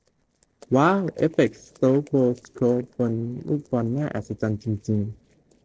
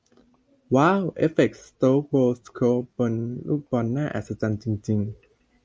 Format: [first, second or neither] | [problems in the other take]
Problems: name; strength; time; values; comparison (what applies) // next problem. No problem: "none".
second | noise reduction (neural separator model SepFormer DNS4)